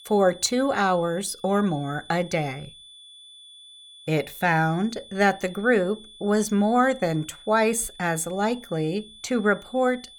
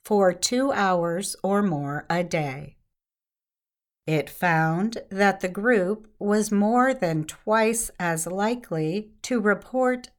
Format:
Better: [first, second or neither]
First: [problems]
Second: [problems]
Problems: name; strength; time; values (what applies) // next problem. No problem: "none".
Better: second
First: high-pitched whine; faint; throughout; 3.5 kHz, 20 dB below the speech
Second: none